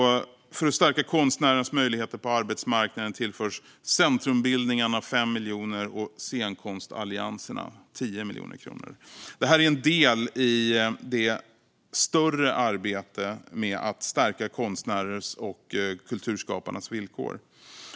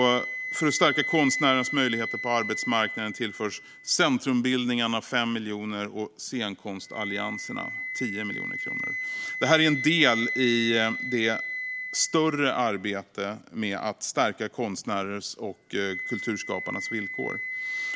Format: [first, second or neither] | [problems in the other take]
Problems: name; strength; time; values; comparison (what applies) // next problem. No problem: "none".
first | background sound (Wind instrument, woodwind instrument); 7 dB below the speech